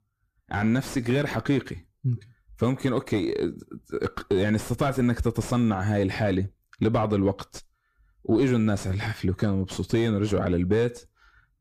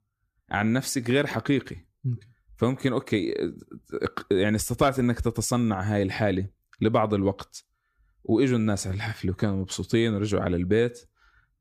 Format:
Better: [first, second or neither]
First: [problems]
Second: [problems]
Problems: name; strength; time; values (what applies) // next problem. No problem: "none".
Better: second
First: distortion; slight; 9 dB below the speech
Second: none